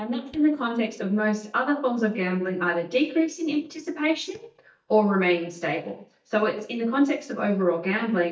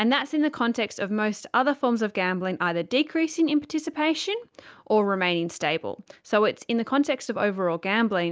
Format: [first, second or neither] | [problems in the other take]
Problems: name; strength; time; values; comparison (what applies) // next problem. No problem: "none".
second | noise reduction (neural mask model DeepFilterNet 3)